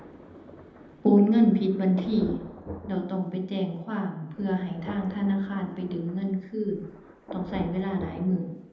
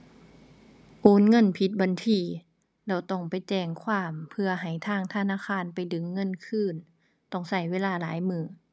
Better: second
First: background sound (Thunder); 16 dB below the speech // room echo; dies away in 0.8 s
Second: none

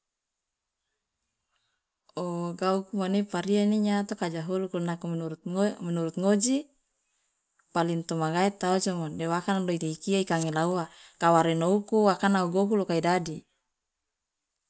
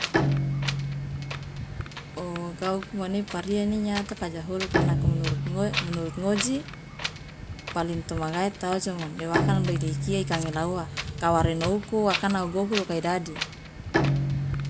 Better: first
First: none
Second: background sound (Wind + Bowed string instrument); as loud as the speech

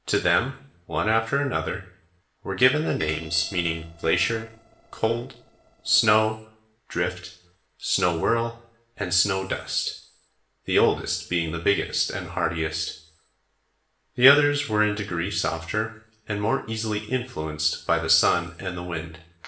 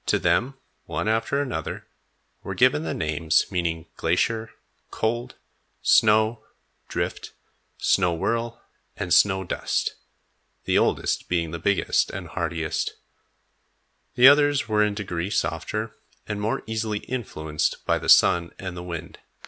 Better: second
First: noise reduction (neural separator model SepFormer DNS4)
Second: none

